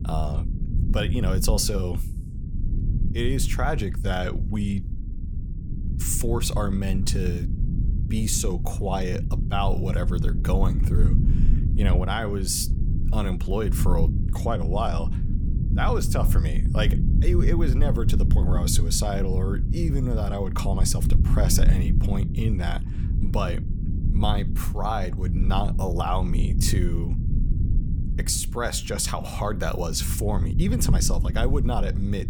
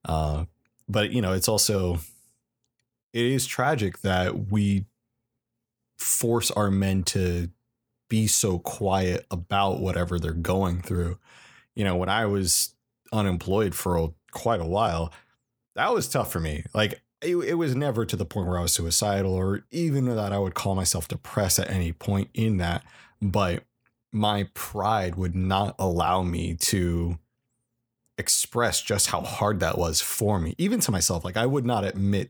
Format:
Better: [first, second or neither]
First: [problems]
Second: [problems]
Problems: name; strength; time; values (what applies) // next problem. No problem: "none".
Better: second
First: low rumble; loud; throughout; 9 dB below the speech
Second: none